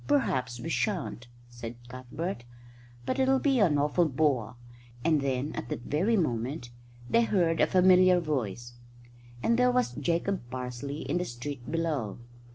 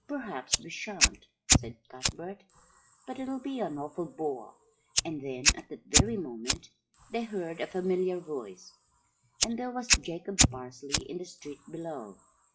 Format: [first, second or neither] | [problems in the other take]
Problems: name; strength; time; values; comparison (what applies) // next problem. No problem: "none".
first | noise reduction (classical method WPE with log-MMSE)